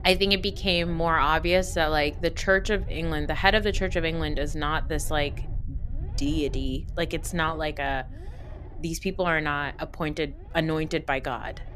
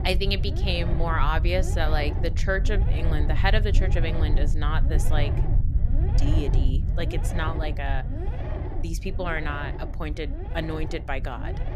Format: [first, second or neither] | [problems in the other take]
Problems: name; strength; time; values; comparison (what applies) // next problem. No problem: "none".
first | low rumble; loud; throughout; 9 dB below the speech; faint in the first